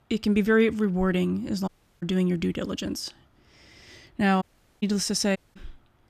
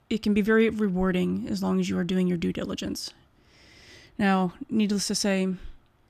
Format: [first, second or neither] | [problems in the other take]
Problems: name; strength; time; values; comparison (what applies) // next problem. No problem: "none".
second | audio cutting out; at 1.5 s, at 4.5 s and at 5.5 s